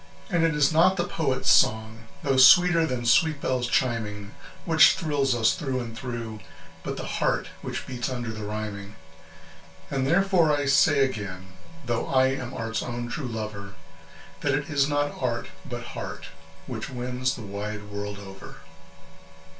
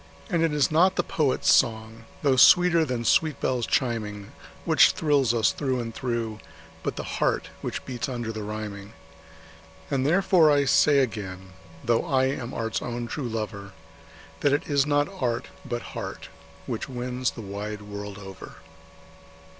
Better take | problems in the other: second | room echo; dies away in 0.2 s

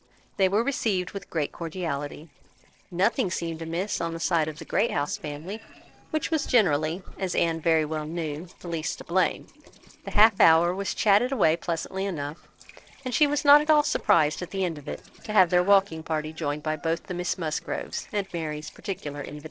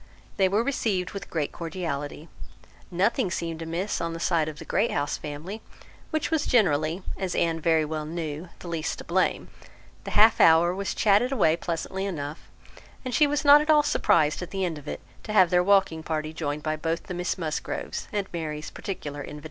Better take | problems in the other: second | noise reduction (neural separator model SepFormer DNS4)

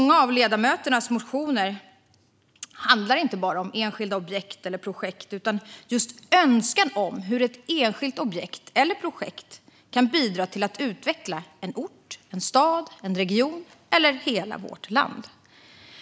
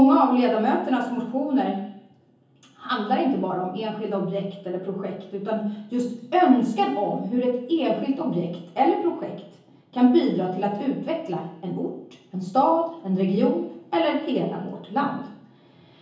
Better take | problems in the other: first | room echo; dies away in 0.7 s

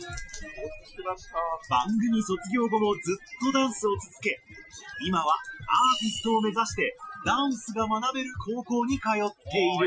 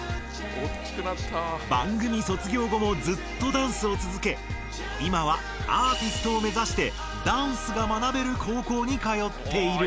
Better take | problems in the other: second | noise reduction (classical method Wiener filter)

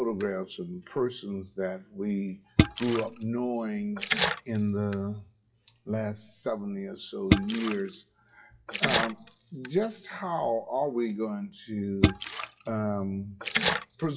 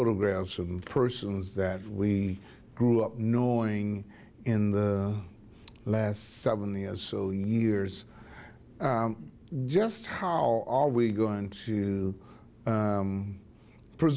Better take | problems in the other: second | noise reduction (classical method WPE with log-MMSE)

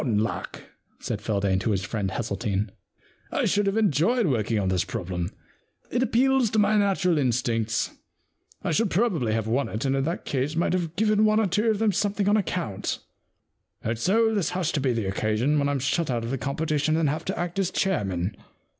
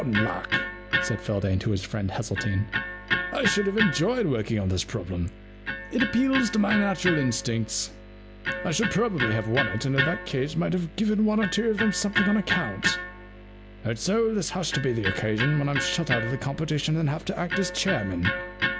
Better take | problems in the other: first | background sound (Electric guitar); 5 dB below the speech

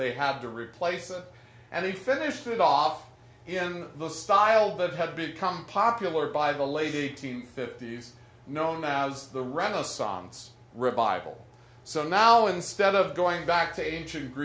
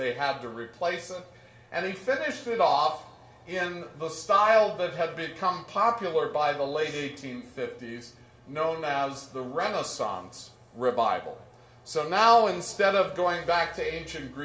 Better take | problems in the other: first | room echo; dies away in 2.2 s

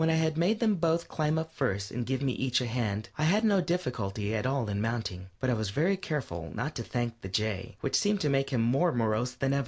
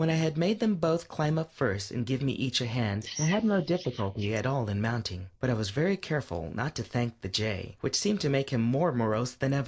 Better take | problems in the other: first | noise reduction (neural mask model Resemble Enhance denoiser)

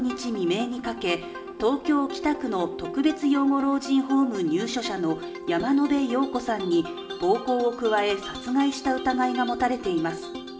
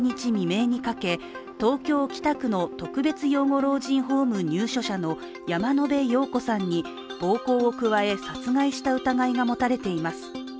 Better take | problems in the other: second | room echo; dies away in 1.3 s

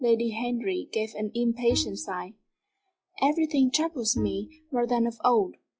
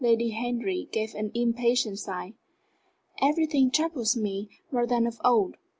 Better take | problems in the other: second | noise reduction (classical method log-MMSE)

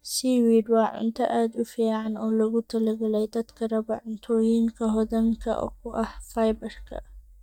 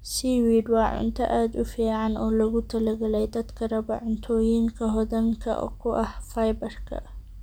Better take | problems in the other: second | noise reduction (neural mask model DeepFilterNet 3)

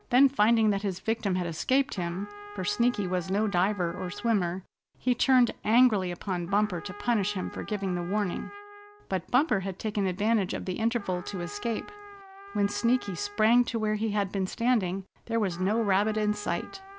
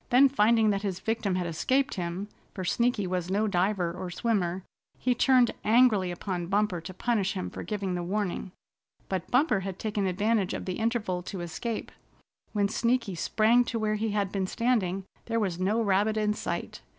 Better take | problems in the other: second | background sound (Trumpet); 19 dB below the speech

